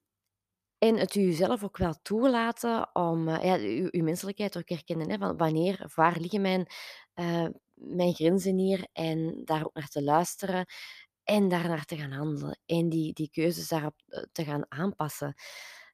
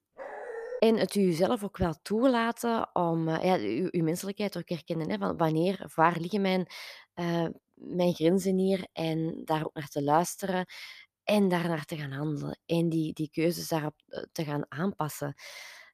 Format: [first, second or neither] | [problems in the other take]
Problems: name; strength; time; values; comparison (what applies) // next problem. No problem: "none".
first | dog barking; noticeable; at the start; peak 9 dB below the speech